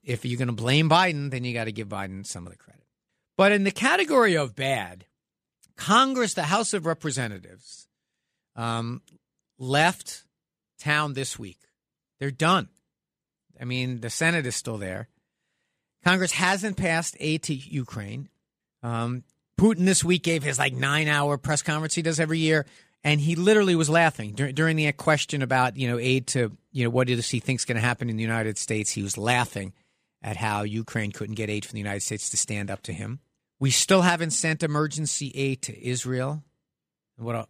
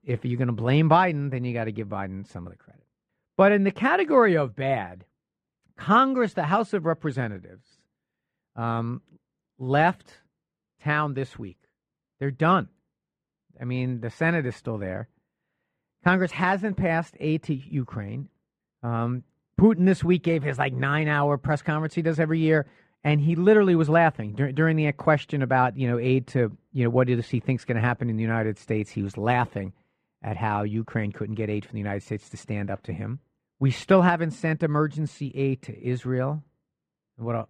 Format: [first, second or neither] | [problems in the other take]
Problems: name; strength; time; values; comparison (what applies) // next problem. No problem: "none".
first | muffled; very; fading above 3.5 kHz